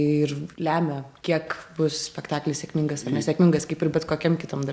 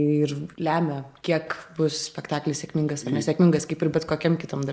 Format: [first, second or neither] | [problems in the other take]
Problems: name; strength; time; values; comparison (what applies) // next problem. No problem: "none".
first | noise reduction (neural mask model Resemble Enhance denoiser)